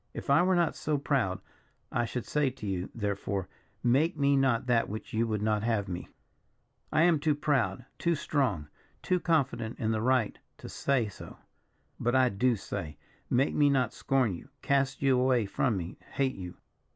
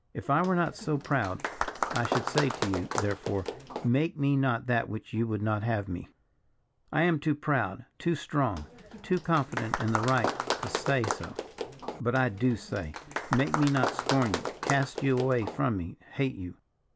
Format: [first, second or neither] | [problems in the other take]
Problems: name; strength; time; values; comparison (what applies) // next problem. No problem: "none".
first | background sound (Applause); 5 dB below the speech